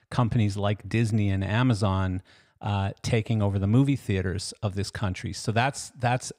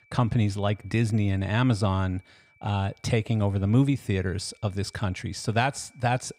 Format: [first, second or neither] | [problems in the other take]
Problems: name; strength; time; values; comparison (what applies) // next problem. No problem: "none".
first | high-pitched whine; faint; throughout; 2.5 kHz, 35 dB below the speech